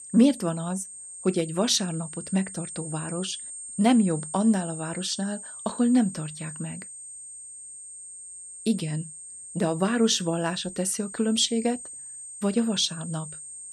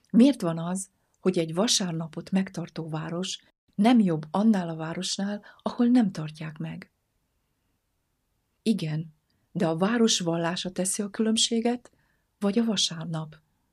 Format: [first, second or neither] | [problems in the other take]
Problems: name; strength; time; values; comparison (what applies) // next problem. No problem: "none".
second | high-pitched whine; noticeable; throughout; 8.5 kHz, 10 dB below the speech